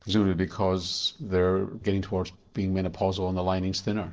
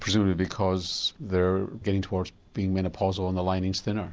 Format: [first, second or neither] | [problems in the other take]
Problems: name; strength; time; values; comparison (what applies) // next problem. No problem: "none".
second | noise reduction (neural separator model SepFormer DNS4)